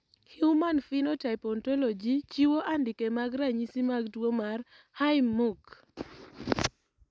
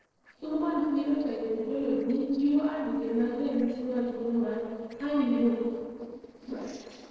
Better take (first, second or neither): first